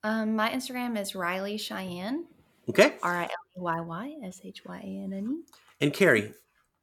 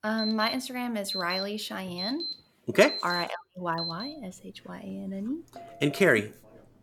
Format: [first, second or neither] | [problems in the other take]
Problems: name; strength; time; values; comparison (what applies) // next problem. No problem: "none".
first | alarms or sirens; loud; throughout; 7 dB below the speech